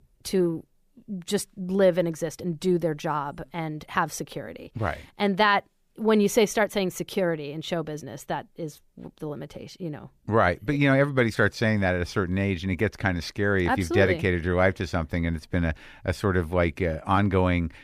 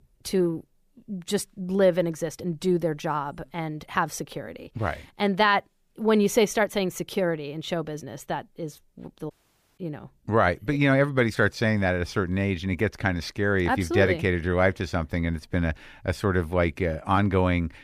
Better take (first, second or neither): first